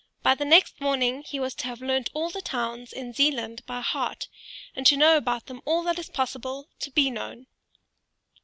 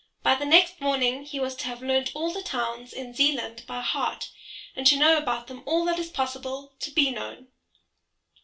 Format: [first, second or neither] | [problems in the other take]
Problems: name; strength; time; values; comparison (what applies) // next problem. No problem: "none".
first | room echo; dies away in 0.2 s